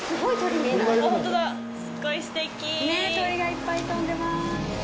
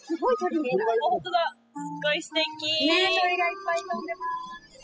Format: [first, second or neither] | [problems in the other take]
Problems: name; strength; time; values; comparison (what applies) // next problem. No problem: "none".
first | noise reduction (classical method spectral subtraction)